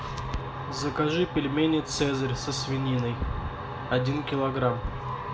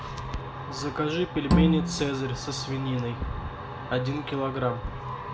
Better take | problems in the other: first | background sound (Bowed string instrument); 4 dB above the speech

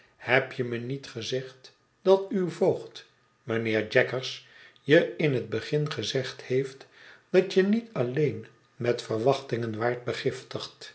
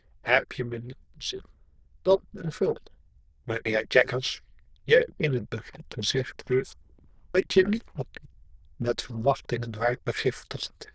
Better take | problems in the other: first | noise reduction (neural diffusion model UNIVERSE++)

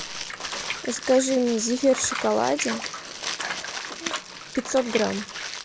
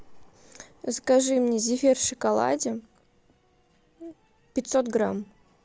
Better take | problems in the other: second | background sound (Bathtub (filling or washing) / Water + Crumpling, crinkling); 7 dB below the speech

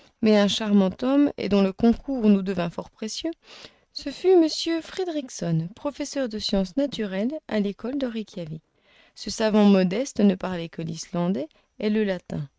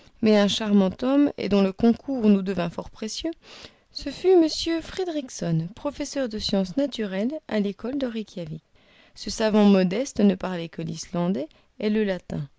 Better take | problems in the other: second | noise reduction (neural mask model RNNoise)

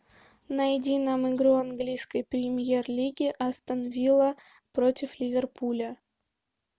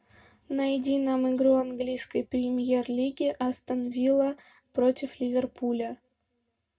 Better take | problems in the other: first | room echo; dies away in 0.2 s

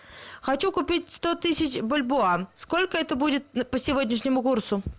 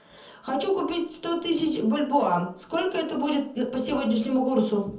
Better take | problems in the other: first | room echo; dies away in 0.6 s

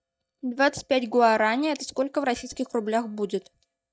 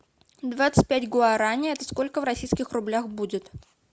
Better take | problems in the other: second | noise reduction (neural mask model DeepFilterNet 3)

